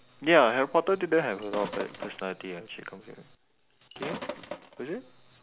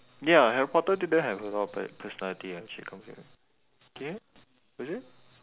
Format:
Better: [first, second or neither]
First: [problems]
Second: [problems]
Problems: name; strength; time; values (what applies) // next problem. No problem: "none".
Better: second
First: background sound (Sink (filling or washing)); 12 dB below the speech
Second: none